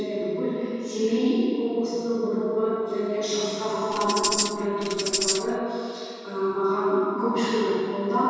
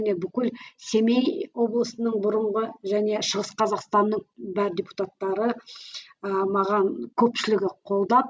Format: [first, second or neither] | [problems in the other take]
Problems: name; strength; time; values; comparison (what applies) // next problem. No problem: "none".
second | background sound (Tambourine); 3 dB below the speech // room echo; dies away in 2.1 s